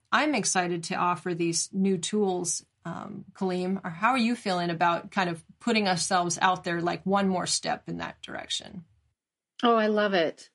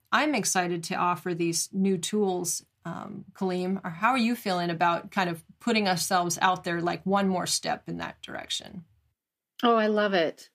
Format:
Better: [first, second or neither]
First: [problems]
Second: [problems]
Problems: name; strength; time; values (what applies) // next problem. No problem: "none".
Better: second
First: garbled, watery; slightly; nothing above 10.5 kHz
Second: none